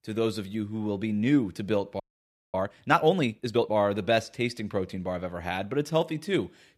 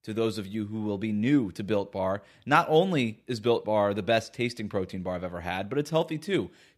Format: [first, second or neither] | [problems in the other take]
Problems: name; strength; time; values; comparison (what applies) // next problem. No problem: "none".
second | audio freezing; at 2 s for 0.5 s